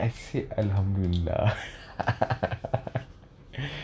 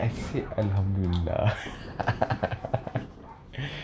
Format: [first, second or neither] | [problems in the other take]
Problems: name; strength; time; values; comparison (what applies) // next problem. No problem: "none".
first | background sound (Thunder); 13 dB below the speech